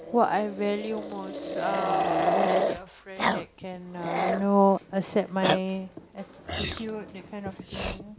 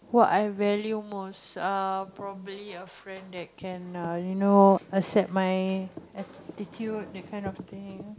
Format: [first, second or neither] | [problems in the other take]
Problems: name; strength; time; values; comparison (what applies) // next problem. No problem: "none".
second | background sound (Growling); 1 dB below the speech